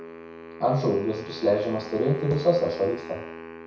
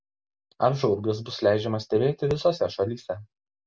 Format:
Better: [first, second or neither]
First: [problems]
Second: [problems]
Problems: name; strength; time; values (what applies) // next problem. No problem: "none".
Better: second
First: background sound (Wind instrument, woodwind instrument); 13 dB below the speech // room echo; dies away in 0.6 s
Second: none